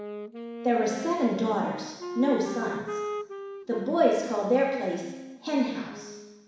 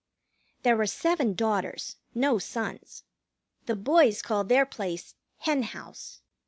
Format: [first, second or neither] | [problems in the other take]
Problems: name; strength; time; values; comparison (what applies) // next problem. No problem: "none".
second | background sound (Wind instrument, woodwind instrument); 10 dB below the speech // room echo; dies away in 1.1 s